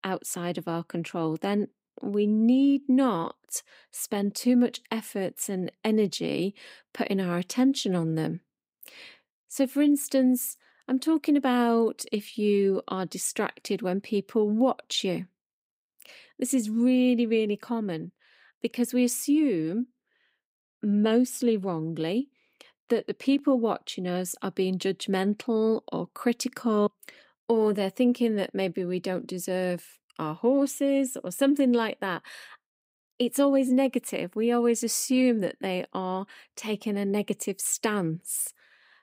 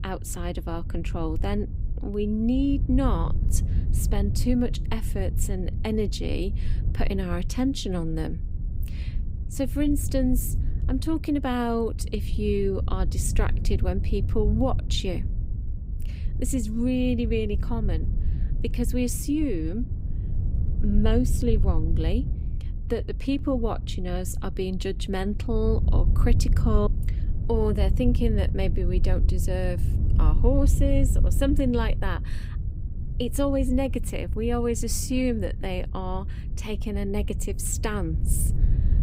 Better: first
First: none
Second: wind noise on the microphone; occasional gusts; 15 dB below the speech

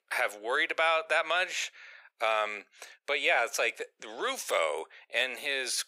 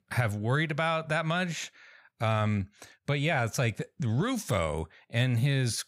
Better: second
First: thin; very; fading below 400 Hz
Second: none

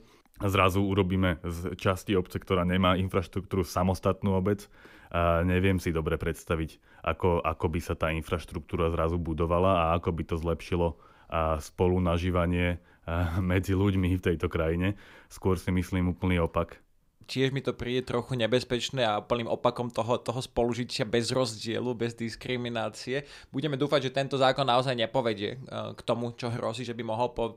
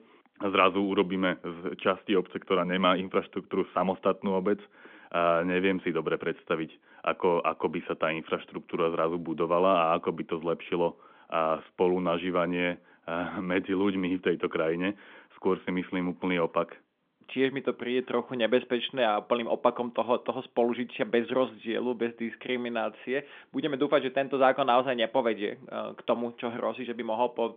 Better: first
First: none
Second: phone-call audio; nothing above 3.5 kHz

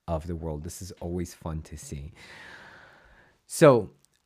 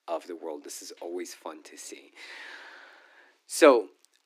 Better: first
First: none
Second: thin; very slightly; fading below 300 Hz

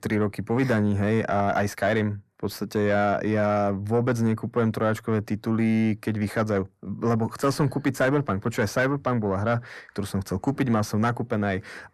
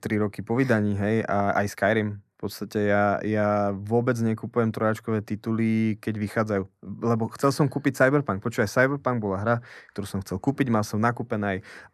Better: second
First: distortion; slight; 10 dB below the speech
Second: none

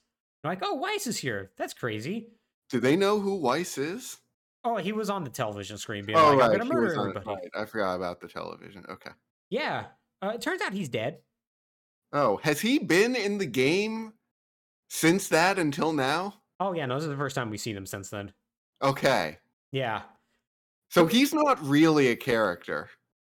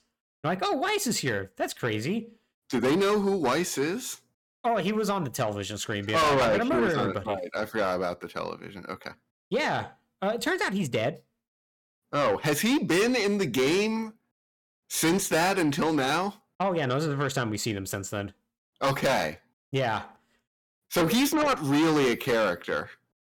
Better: first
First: none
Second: distortion; heavy; 7 dB below the speech

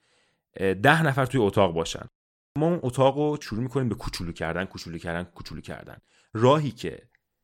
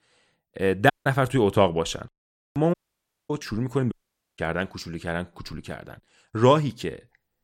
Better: first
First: none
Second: audio cutting out; at 1 s, at 2.5 s for 0.5 s and at 4 s

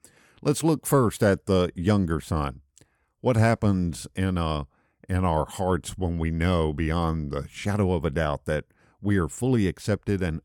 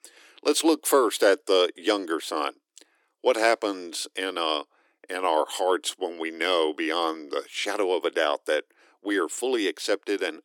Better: first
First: none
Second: thin; very; fading below 300 Hz

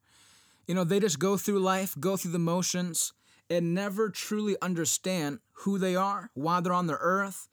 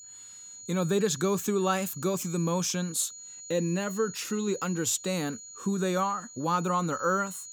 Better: first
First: none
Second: high-pitched whine; noticeable; throughout; 7 kHz, 15 dB below the speech

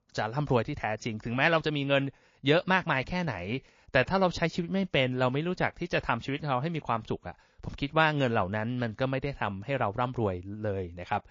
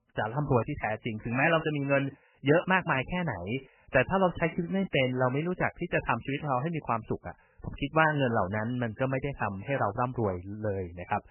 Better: first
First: garbled, watery; slightly; nothing above 6.5 kHz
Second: garbled, watery; badly; nothing above 3 kHz

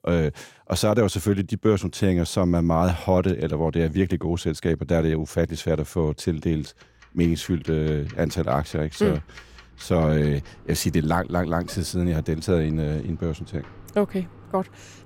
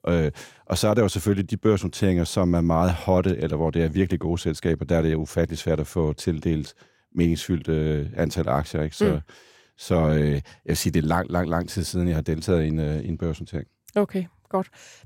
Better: second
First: household noises; faint; from 7 s on; 25 dB below the speech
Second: none

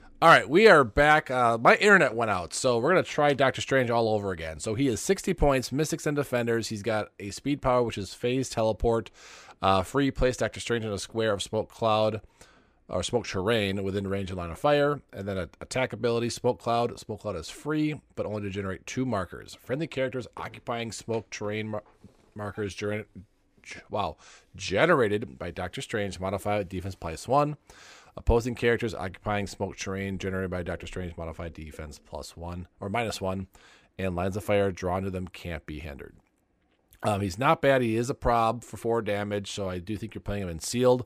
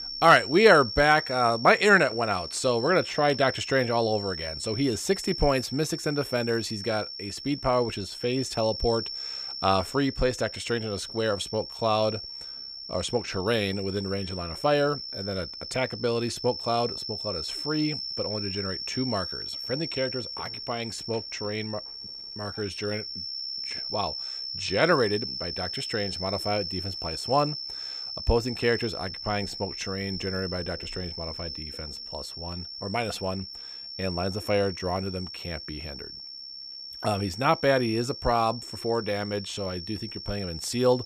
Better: first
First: none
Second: high-pitched whine; loud; throughout; 5.5 kHz, 7 dB below the speech

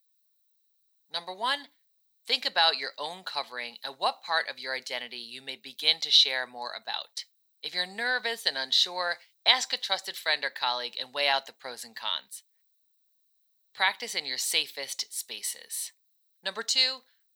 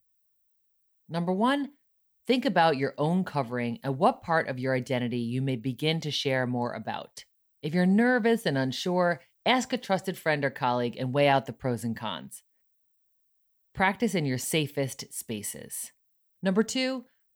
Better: second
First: thin; very; fading below 950 Hz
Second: none

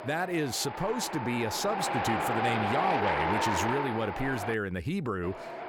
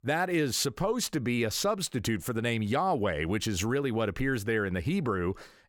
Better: second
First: wind noise on the microphone; heavy; 3 dB above the speech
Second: none

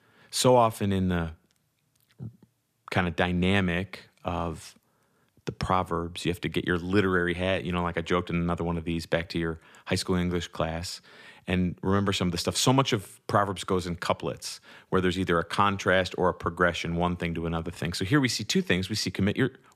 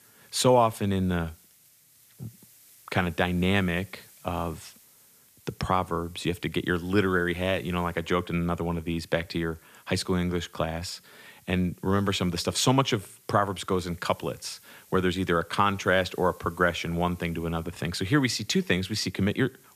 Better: first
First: none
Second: hiss; faint; throughout; 25 dB below the speech

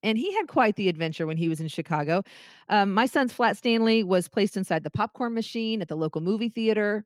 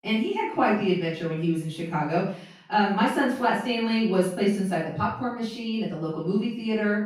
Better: first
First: none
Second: off-mic speech; far // room echo; noticeable; dies away in 0.5 s

